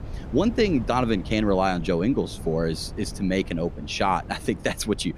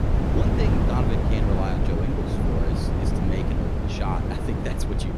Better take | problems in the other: first | wind noise on the microphone; heavy; 3 dB above the speech; occasional gusts in the first

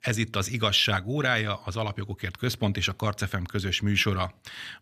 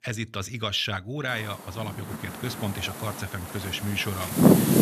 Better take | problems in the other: first | wind noise on the microphone; heavy; from 1.5 s on; 1 dB above the speech

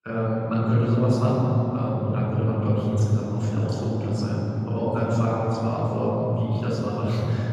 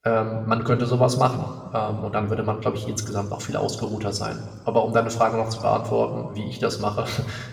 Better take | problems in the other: second | room echo; strong; dies away in 3 s; slight in the second // off-mic speech; far

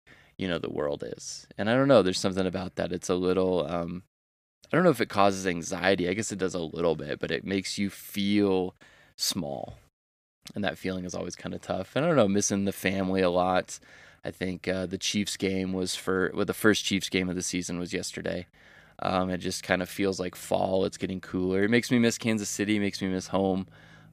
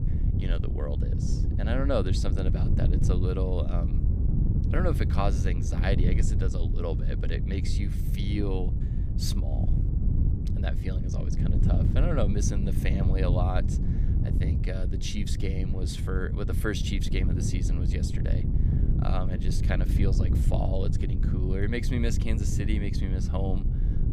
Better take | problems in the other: first | wind noise on the microphone; heavy; 5 dB below the speech

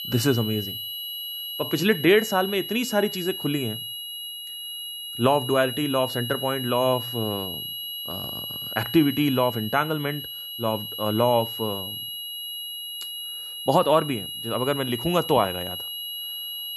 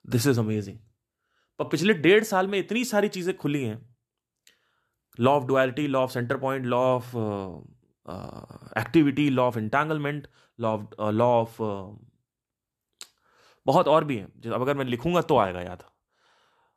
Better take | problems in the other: second | high-pitched whine; loud; throughout; 3 kHz, 7 dB below the speech

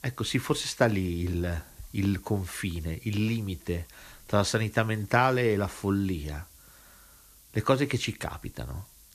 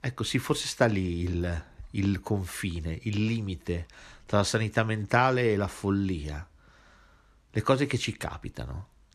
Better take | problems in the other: second | hiss; faint; throughout; 25 dB below the speech

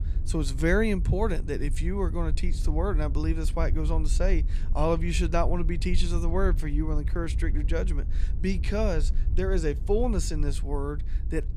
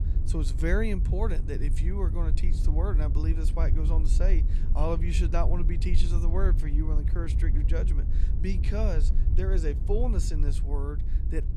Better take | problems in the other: first | wind noise on the microphone; heavy; 9 dB below the speech; occasional gusts in the first

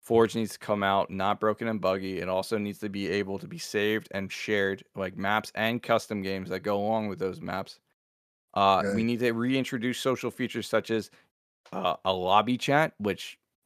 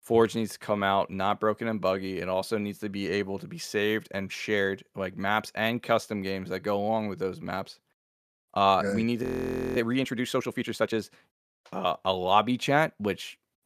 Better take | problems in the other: first | audio freezing; at 9 s for 0.5 s

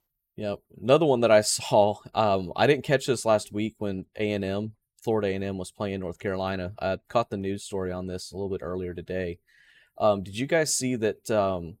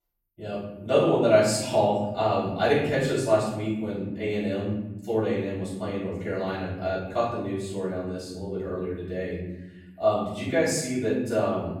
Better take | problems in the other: first | off-mic speech; far // room echo; noticeable; dies away in 1.3 s

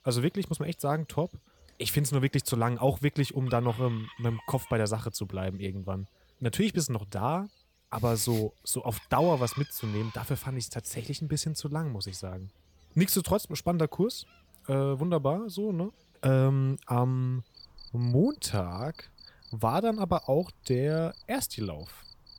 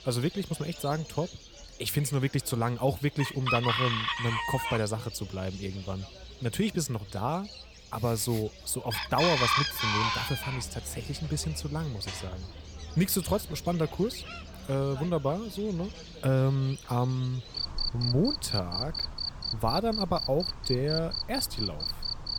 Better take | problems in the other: first | animal sounds; loud; throughout; 2 dB below the speech; faint in the first

